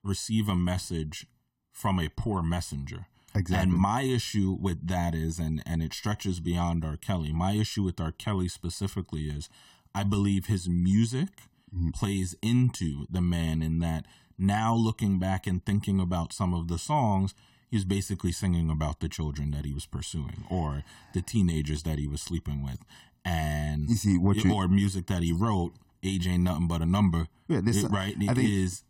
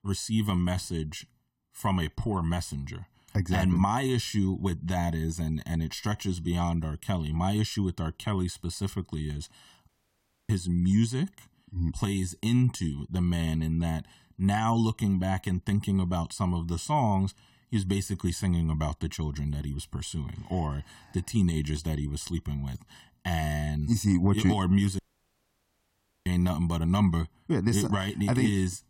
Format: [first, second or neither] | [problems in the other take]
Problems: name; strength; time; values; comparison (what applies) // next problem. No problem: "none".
first | audio cutting out; at 10 s for 0.5 s and at 25 s for 1.5 s